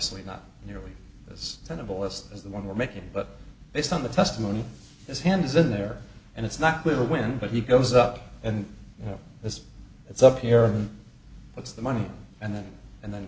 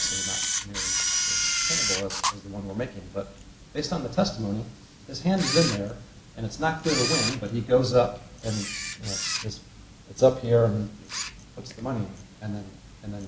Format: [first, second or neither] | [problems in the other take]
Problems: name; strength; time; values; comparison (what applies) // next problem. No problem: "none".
first | background sound (Camera); 4 dB below the speech // room echo; dies away in 0.5 s